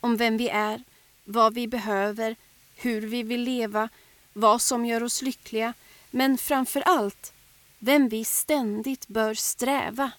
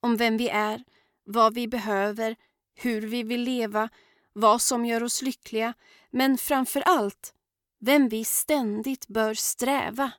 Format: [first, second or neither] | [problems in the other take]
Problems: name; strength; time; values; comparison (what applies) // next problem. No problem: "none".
second | hiss; faint; throughout; 30 dB below the speech